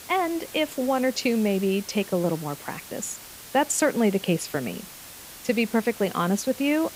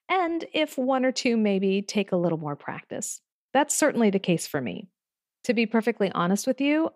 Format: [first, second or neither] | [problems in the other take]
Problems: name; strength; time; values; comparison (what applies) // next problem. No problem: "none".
second | hiss; noticeable; throughout; 15 dB below the speech